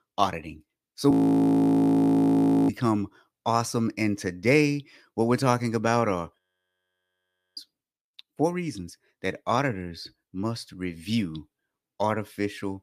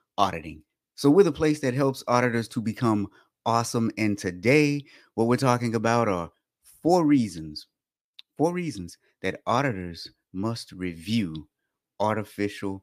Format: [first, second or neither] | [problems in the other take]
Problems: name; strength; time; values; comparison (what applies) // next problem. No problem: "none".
second | audio freezing; at 1 s for 1.5 s and at 6.5 s for 1 s